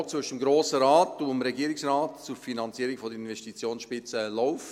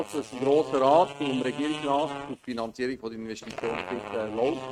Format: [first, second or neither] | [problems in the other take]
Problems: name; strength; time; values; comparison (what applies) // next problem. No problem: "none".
first | noise reduction (neural mask model RNNoise)